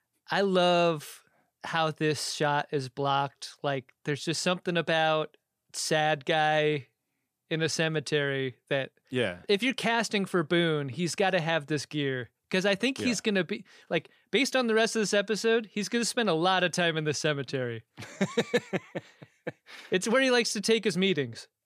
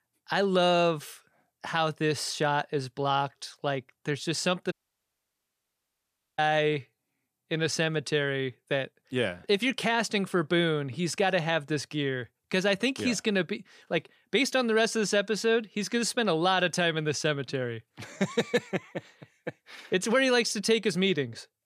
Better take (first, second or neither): first